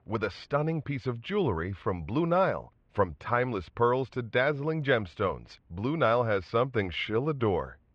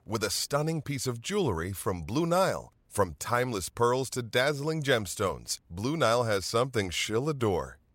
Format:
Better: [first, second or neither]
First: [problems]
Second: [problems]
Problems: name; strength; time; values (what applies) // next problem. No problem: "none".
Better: second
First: muffled; very; fading above 3 kHz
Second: none